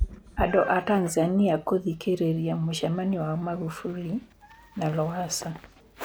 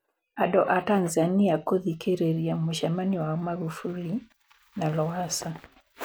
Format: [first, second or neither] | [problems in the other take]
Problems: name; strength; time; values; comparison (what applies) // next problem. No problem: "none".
second | background sound (Meow); 13 dB below the speech